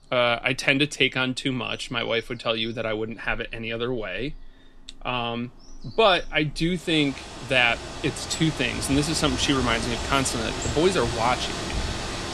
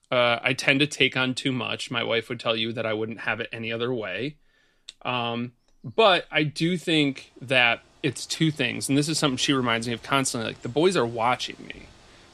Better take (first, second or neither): second